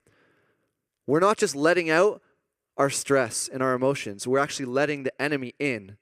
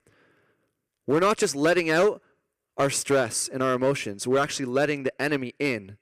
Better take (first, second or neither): first